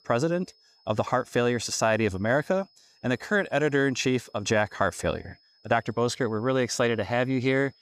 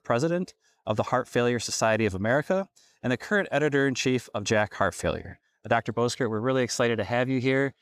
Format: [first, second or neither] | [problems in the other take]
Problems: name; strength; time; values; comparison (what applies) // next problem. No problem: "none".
second | high-pitched whine; faint; throughout; 5 kHz, 35 dB below the speech